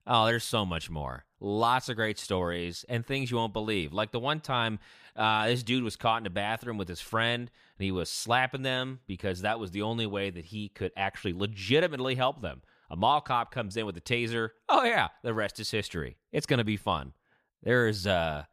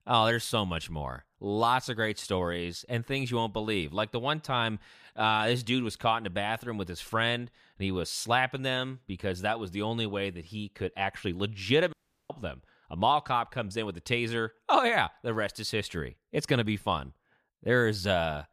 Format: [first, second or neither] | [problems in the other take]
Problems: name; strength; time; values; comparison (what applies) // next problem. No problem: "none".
first | audio cutting out; at 12 s